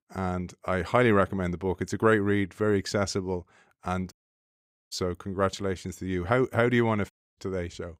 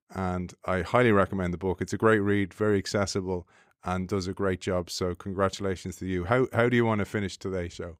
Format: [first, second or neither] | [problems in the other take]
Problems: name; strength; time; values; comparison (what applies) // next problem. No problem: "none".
second | audio cutting out; at 4 s for 1 s and at 7 s